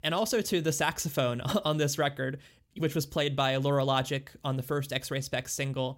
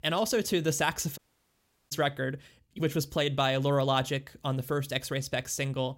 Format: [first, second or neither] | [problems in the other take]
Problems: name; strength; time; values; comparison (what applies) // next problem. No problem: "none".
first | audio cutting out; at 1 s for 0.5 s